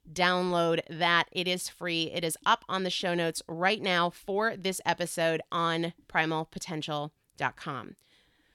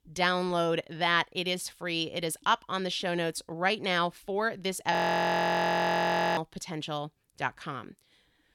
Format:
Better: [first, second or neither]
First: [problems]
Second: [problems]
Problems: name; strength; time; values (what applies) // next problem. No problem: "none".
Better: first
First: none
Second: audio freezing; at 5 s for 1.5 s